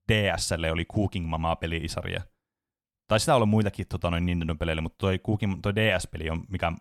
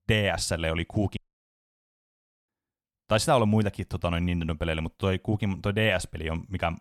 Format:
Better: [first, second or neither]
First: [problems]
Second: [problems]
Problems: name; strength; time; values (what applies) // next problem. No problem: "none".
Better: first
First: none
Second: audio cutting out; at 1 s for 1.5 s